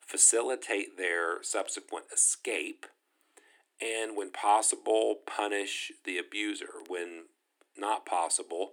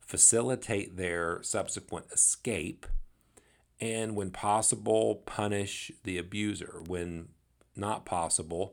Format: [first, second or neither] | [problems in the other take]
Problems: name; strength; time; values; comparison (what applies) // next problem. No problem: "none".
second | thin; very; fading below 300 Hz